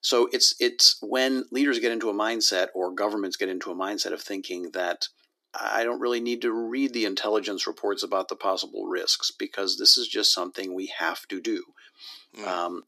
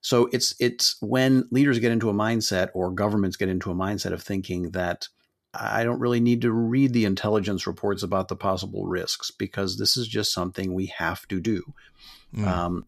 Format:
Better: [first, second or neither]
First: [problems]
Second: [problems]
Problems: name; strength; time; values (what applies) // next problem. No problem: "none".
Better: second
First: thin; somewhat; fading below 300 Hz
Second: none